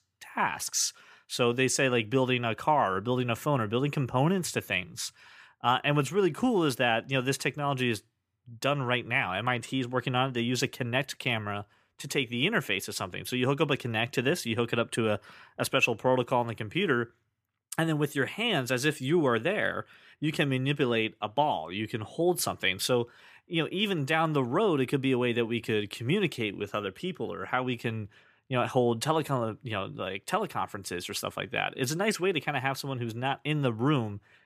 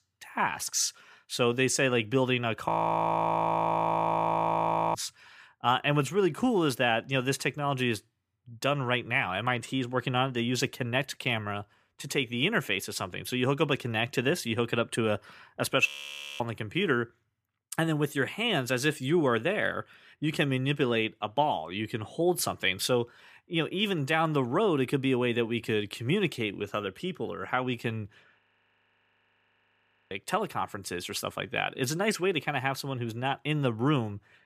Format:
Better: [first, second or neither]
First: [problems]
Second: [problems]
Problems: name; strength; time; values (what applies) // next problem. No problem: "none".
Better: first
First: none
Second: audio freezing; at 2.5 s for 2.5 s, at 16 s for 0.5 s and at 28 s for 1.5 s